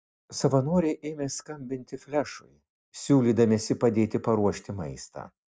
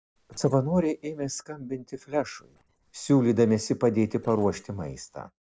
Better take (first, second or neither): first